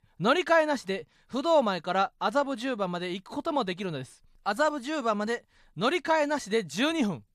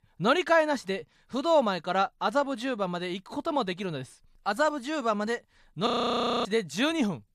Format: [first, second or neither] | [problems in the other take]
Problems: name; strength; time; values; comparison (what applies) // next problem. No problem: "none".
first | audio freezing; at 6 s for 0.5 s